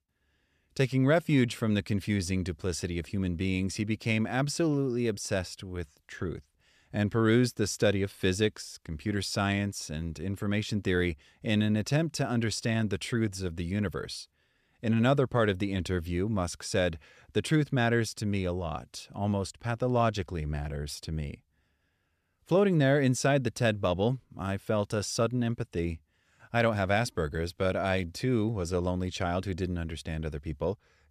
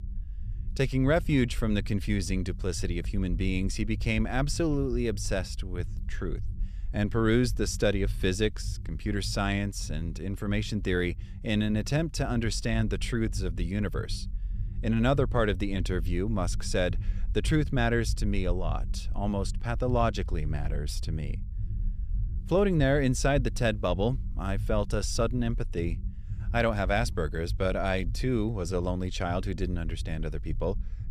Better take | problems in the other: first | low rumble; faint; throughout; 25 dB below the speech

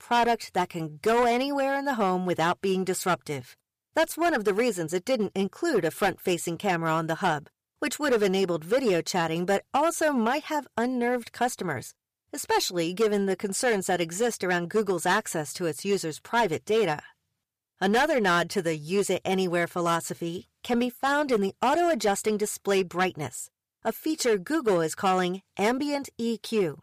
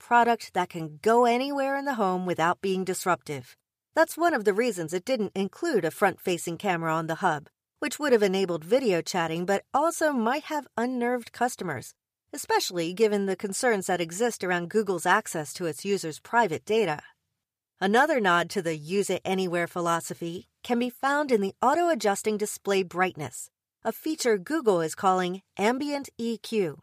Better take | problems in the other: second | distortion; slight; 6% of the sound clipped

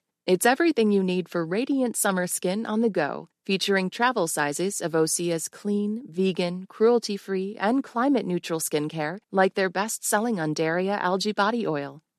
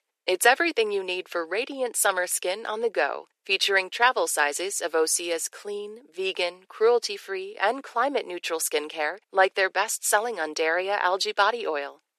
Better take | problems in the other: first | thin; very; fading below 450 Hz

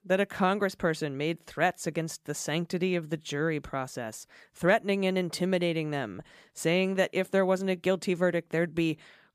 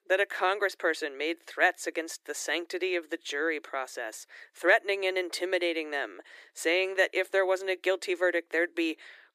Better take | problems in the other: first | thin; very; fading below 350 Hz

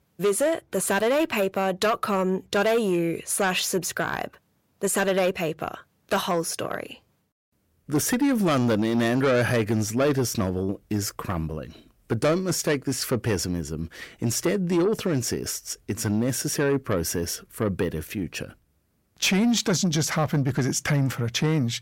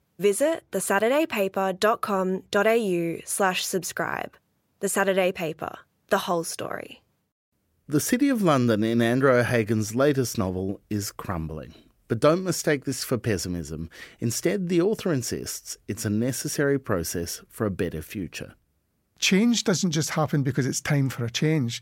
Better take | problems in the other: second | distortion; slight; 10 dB below the speech

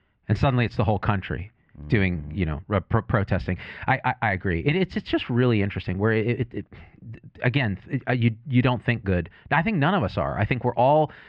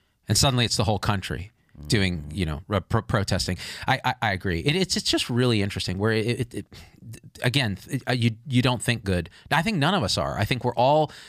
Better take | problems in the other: second | muffled; very; fading above 2.5 kHz

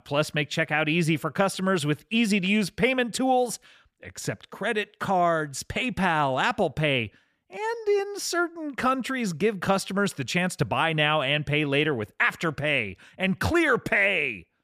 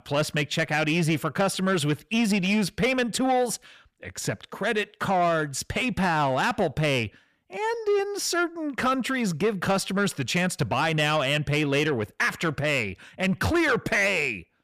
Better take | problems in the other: first | distortion; slight; 10 dB below the speech

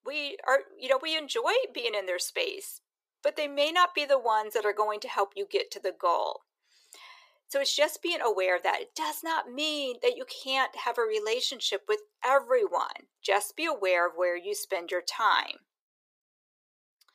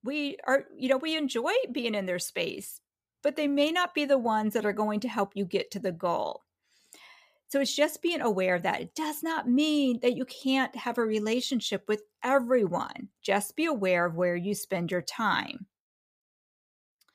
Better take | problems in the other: second | thin; very; fading below 400 Hz

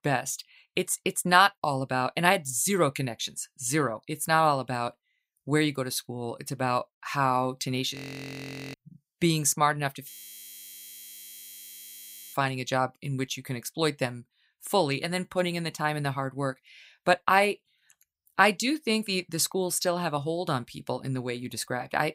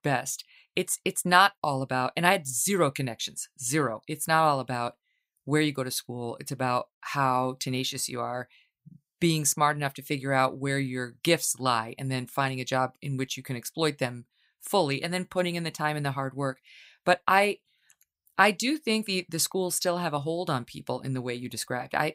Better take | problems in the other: second | audio freezing; at 8 s for 1 s and at 10 s for 2 s

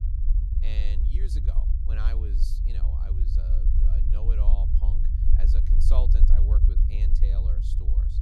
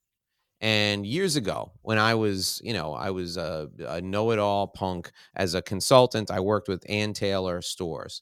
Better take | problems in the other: second | low rumble; loud; throughout; as loud as the speech

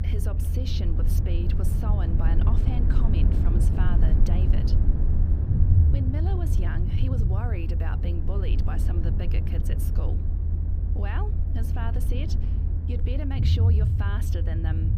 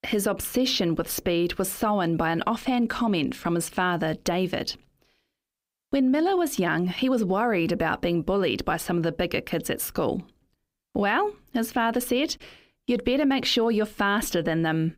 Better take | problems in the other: second | low rumble; loud; throughout; as loud as the speech

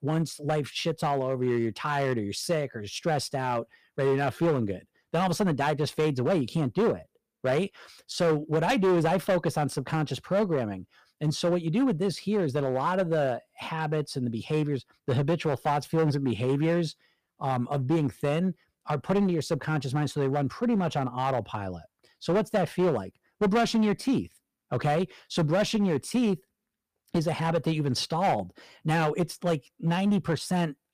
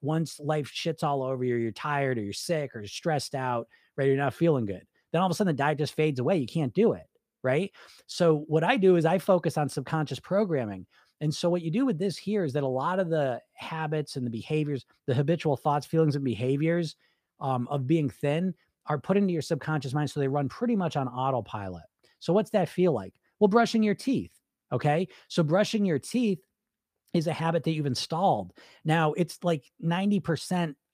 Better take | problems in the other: second | distortion; slight; 7% of the sound clipped

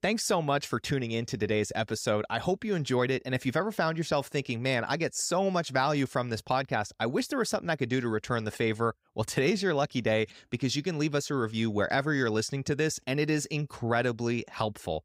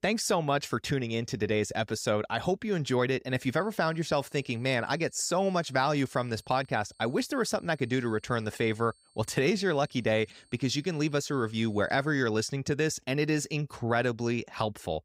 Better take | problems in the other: first | high-pitched whine; faint; from 3.5 to 12 s; 4.5 kHz, 35 dB below the speech

